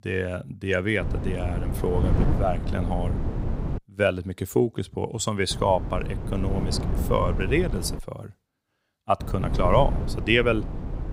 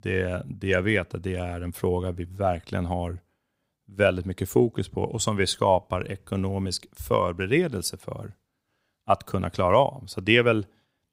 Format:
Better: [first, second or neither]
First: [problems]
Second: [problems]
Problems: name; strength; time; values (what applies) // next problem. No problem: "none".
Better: second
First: wind noise on the microphone; occasional gusts; from 1 to 4 s, from 5.5 to 8 s and from 9 s on; 10 dB below the speech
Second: none